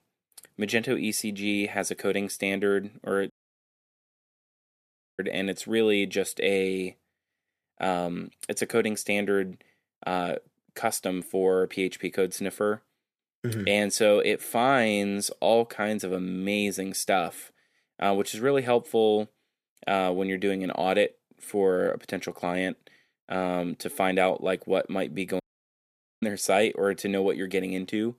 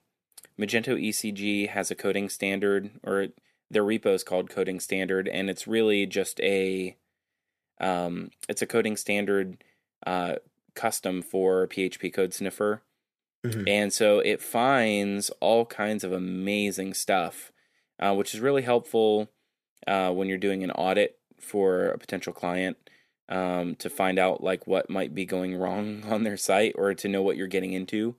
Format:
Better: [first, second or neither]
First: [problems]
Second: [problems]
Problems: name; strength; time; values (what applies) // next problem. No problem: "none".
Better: second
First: audio cutting out; at 3.5 s for 2 s and at 25 s for 1 s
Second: none